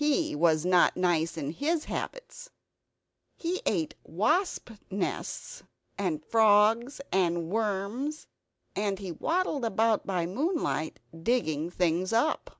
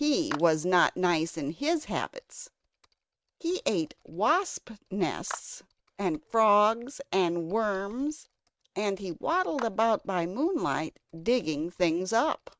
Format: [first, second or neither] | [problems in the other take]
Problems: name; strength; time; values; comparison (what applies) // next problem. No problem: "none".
first | noise reduction (neural mask model RNNoise)